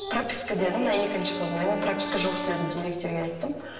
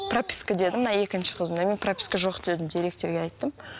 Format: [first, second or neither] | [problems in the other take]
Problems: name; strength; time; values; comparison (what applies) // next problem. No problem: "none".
second | background sound (Wind instrument, woodwind instrument); 7 dB below the speech // room echo; dies away in 1.3 s